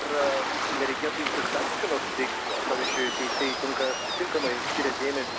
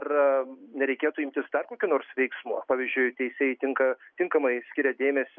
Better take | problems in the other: second | background sound (Waves, surf); 1 dB above the speech

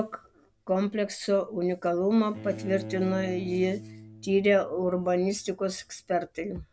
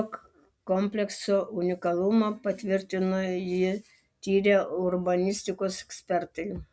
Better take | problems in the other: second | background sound (Bowed string instrument); 17 dB below the speech

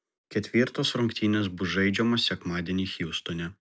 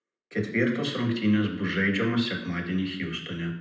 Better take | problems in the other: first | room echo; dies away in 0.7 s

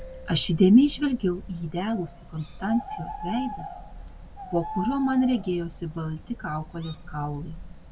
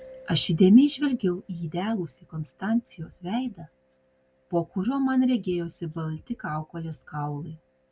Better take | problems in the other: second | background sound (Bird); 12 dB below the speech

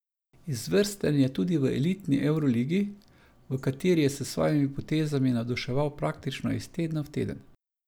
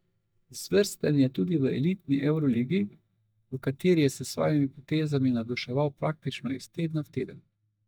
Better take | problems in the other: first | noise reduction (neural mask model DeepFilterNet 3)

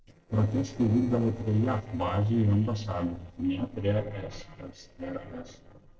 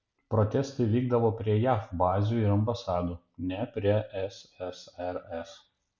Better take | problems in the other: second | noise reduction (neural separator model SepFormer DNS4)

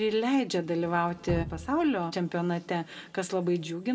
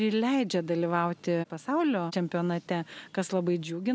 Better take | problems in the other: second | background sound (Drip); 15 dB below the speech // room echo; dies away in 1 s

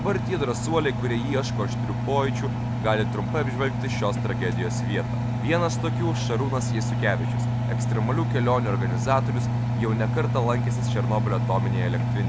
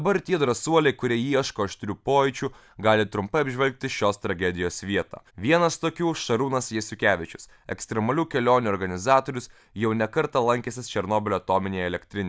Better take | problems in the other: second | background sound (Engine); 3 dB above the speech

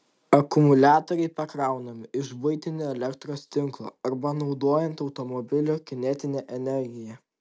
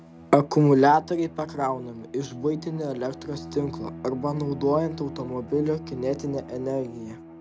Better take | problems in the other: first | background sound (Bowed string instrument); 14 dB below the speech

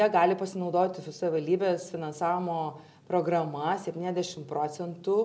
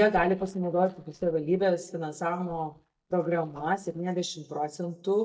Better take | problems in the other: first | noise reduction (neural mask model DeepFilterNet 3)

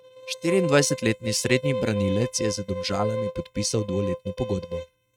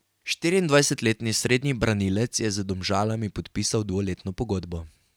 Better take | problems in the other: second | noise reduction (neural mask model RNNoise)

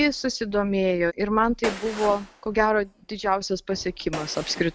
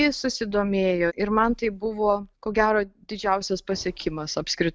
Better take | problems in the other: second | background sound (Gunshot, gunfire); 15 dB below the speech

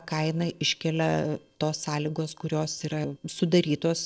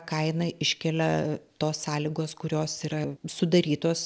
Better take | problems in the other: second | noise reduction (neural separator model SepFormer DNS4)

